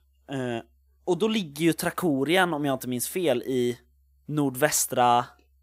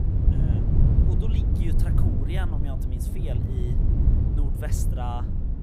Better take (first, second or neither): first